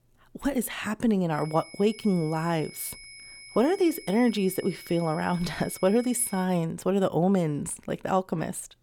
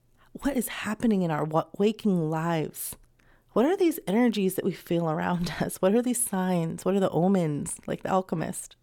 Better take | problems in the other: second | high-pitched whine; noticeable; from 1.5 to 6.5 s; 2 kHz, 20 dB below the speech

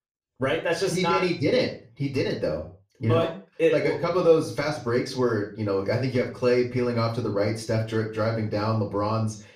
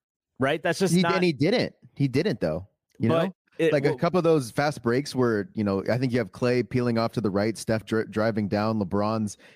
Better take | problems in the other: second | room echo; slight; dies away in 0.3 s // off-mic speech; far

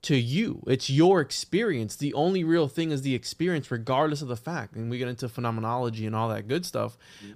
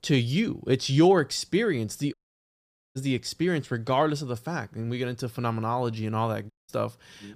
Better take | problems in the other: first | audio cutting out; at 2 s for 1 s and at 6.5 s

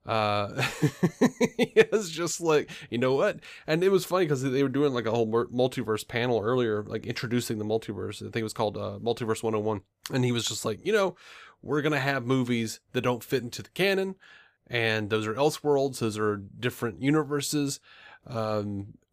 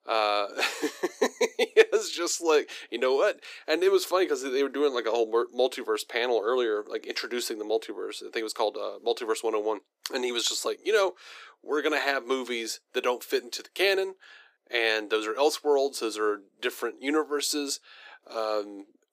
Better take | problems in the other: first | thin; somewhat; fading below 300 Hz

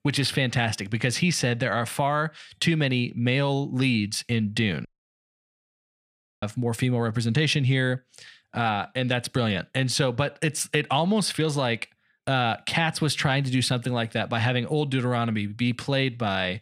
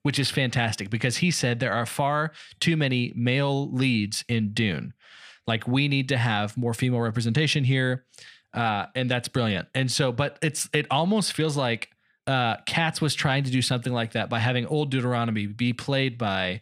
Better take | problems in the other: second | audio cutting out; at 5 s for 1.5 s

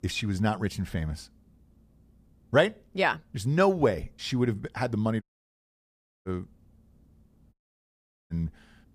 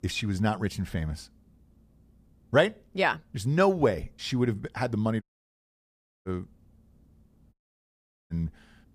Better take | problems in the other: neither | audio cutting out; at 5 s for 1 s and at 7.5 s for 1 s; the same in both

